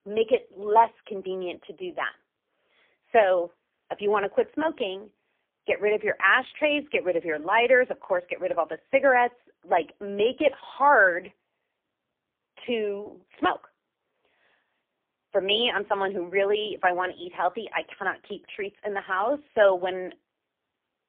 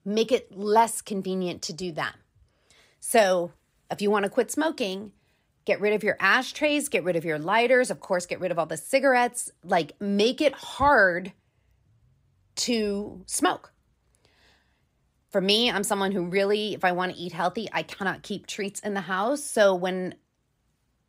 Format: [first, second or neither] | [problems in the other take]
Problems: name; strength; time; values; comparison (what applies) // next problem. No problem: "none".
second | phone-call audio; poor line; nothing above 3.5 kHz